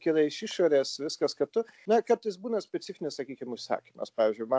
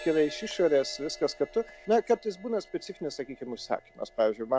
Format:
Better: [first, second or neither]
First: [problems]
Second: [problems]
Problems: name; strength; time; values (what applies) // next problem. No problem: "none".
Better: first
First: none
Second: background sound (Crash cymbal); 20 dB below the speech